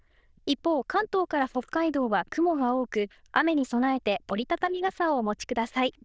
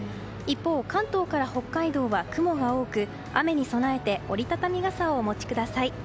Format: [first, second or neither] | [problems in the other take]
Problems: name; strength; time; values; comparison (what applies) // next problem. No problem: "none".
second | noise reduction (neural diffusion model UNIVERSE++)